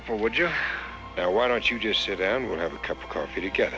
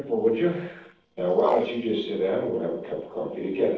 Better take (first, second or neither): first